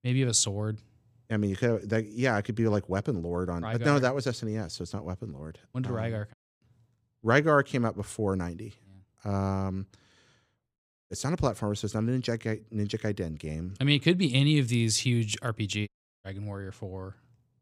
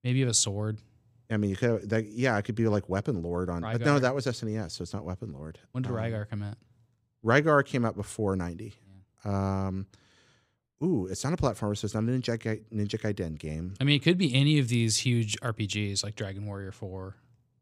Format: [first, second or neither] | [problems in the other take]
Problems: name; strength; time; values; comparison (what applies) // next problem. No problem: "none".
second | audio cutting out; at 6.5 s, at 11 s and at 16 s